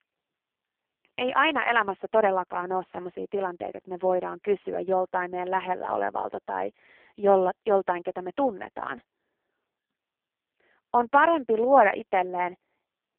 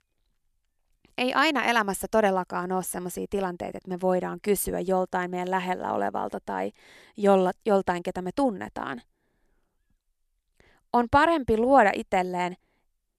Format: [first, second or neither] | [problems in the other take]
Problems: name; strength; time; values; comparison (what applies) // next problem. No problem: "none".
second | phone-call audio; poor line; nothing above 3 kHz